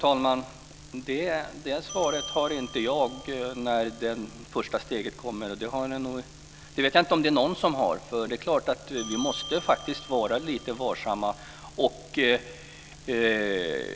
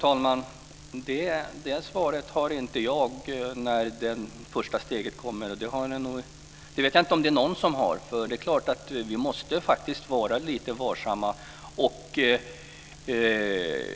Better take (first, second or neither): second